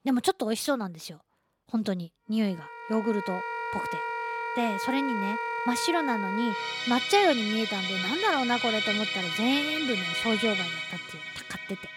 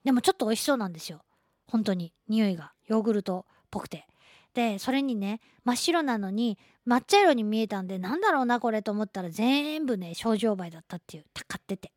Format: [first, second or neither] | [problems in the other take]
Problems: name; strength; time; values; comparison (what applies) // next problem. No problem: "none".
second | background music; loud; from 3 s on; 1 dB below the speech